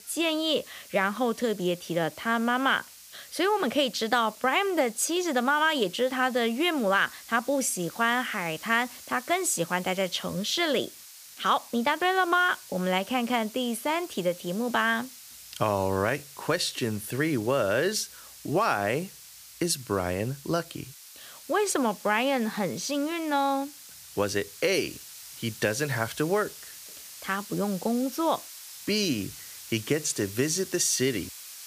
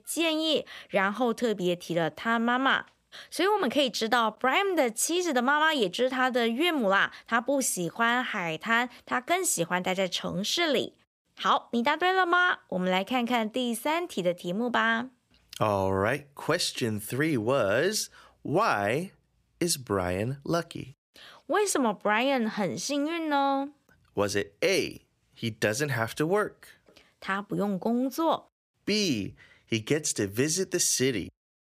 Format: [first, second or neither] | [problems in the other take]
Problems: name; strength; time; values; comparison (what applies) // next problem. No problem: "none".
second | hiss; noticeable; throughout; 15 dB below the speech